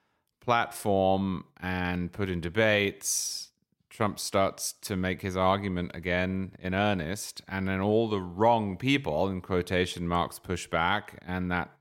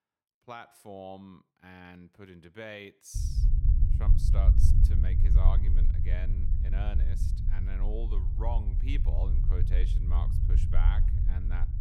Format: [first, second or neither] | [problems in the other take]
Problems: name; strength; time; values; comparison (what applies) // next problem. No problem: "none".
first | low rumble; loud; from 3 s on; 2 dB below the speech